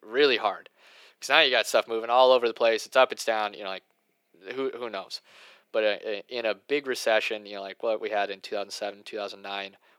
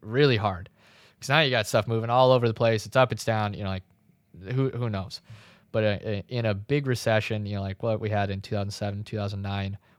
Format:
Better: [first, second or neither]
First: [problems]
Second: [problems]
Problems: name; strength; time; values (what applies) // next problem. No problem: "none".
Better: second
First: thin; very; fading below 350 Hz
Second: none